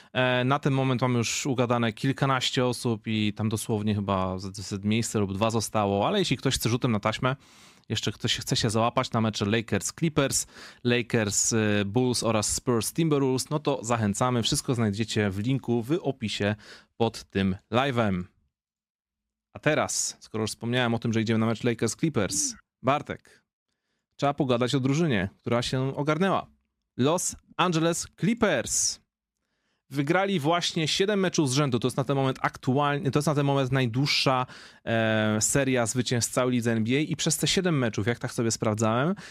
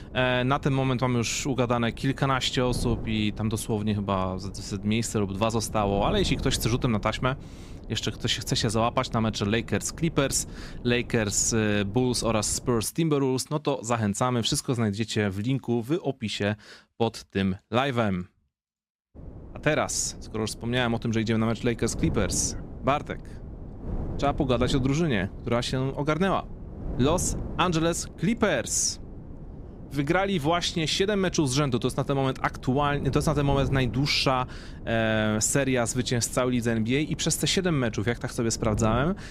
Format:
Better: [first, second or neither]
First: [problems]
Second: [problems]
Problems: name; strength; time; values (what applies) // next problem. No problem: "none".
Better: first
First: none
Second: wind noise on the microphone; occasional gusts; until 13 s and from 19 s on; 20 dB below the speech